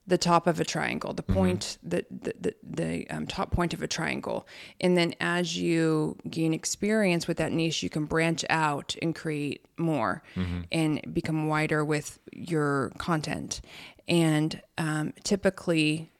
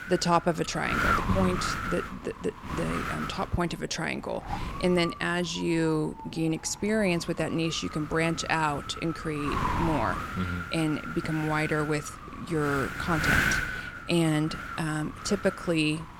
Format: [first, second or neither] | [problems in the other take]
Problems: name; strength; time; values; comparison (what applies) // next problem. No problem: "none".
first | wind noise on the microphone; heavy; 1 dB below the speech